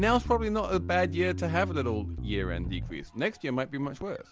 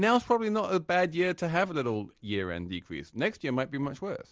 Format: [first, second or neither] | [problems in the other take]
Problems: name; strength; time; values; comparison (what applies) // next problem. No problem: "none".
second | background sound (Bass guitar); 7 dB below the speech